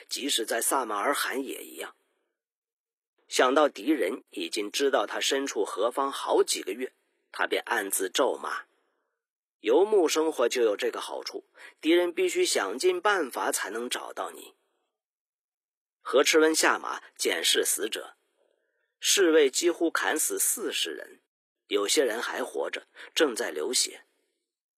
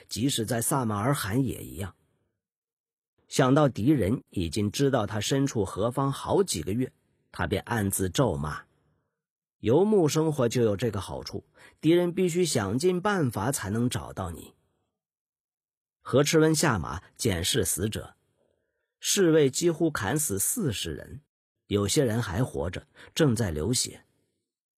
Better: second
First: thin; very; fading below 300 Hz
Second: none

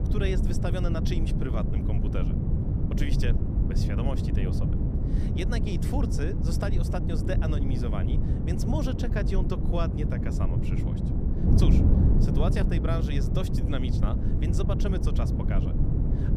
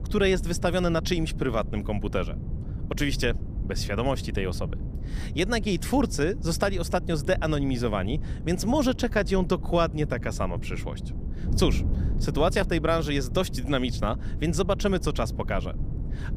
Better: second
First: wind noise on the microphone; heavy; 1 dB below the speech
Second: wind noise on the microphone; occasional gusts; 15 dB below the speech

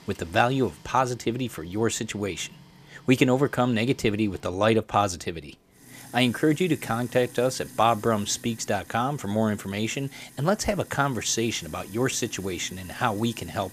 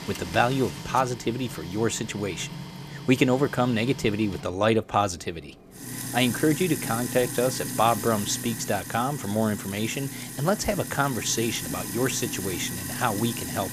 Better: first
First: household noises; faint; throughout; 20 dB below the speech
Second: household noises; loud; throughout; 8 dB below the speech

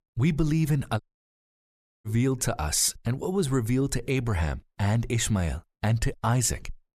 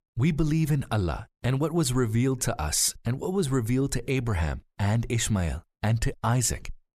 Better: second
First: audio cutting out; at 1 s for 1 s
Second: none

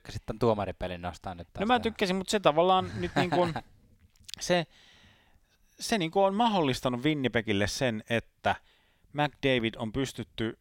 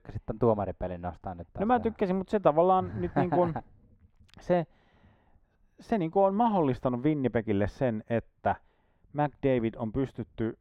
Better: first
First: none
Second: muffled; very; fading above 2.5 kHz

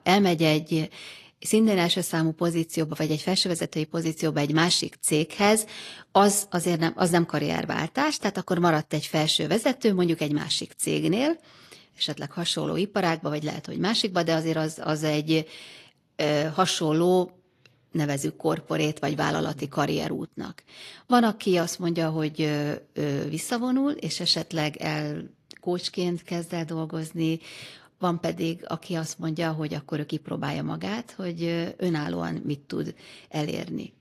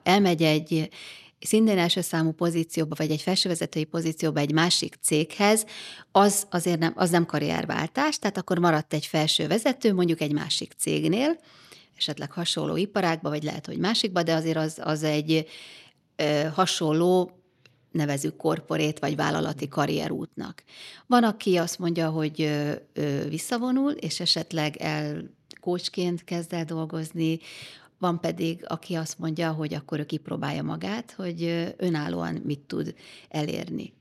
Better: second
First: garbled, watery; slightly; nothing above 12 kHz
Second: none

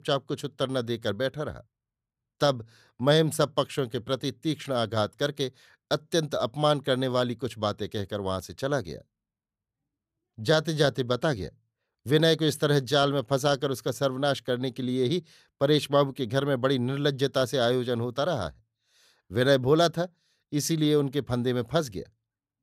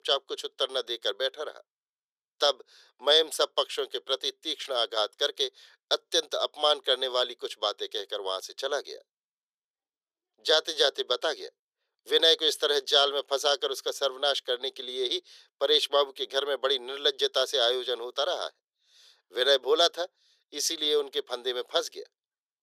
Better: first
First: none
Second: thin; very; fading below 400 Hz

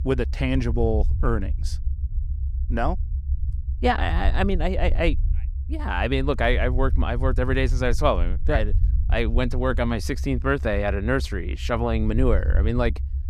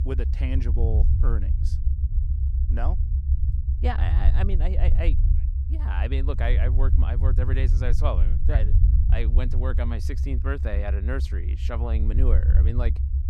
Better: first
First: low rumble; faint; throughout; 20 dB below the speech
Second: low rumble; loud; throughout; 7 dB below the speech

